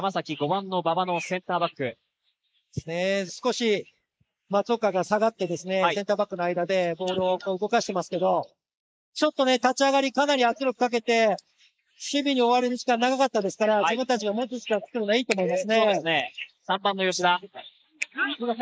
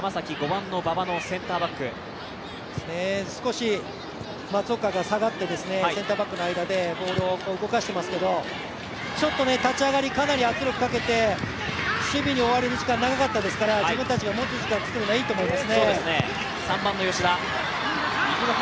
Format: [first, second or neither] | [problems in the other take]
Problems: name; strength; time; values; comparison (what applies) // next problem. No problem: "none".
second | noise reduction (neural mask model Resemble Enhance denoiser)